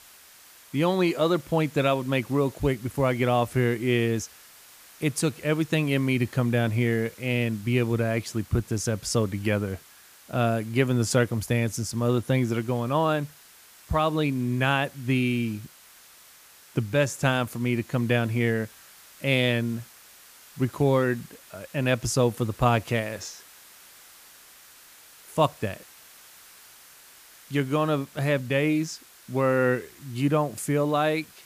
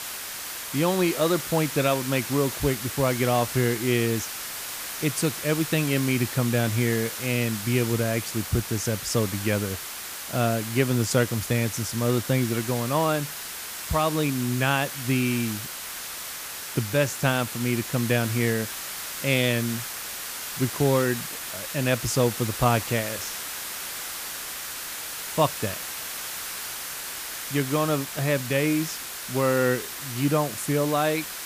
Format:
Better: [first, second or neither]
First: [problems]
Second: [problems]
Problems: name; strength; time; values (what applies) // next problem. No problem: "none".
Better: first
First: hiss; faint; throughout; 25 dB below the speech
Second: hiss; loud; throughout; 6 dB below the speech